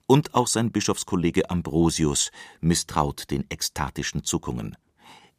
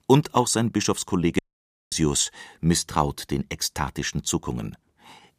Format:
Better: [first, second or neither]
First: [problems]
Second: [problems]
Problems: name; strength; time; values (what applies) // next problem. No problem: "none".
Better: first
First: none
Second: audio cutting out; at 1.5 s for 0.5 s